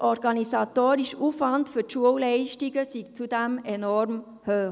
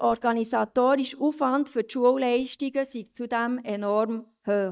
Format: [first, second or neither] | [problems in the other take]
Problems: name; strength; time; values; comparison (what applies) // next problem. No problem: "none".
first | noise reduction (neural mask model DeepFilterNet 3)